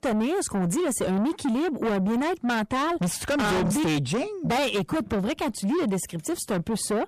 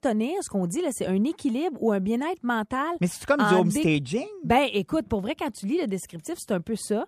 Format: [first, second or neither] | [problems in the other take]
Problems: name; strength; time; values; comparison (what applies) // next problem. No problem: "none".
second | distortion; heavy; 6 dB below the speech